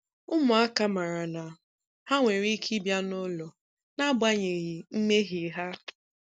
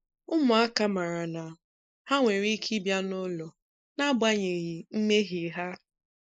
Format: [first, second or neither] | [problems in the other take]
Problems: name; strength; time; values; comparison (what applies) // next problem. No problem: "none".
first | noise reduction (neural mask model Resemble Enhance denoiser)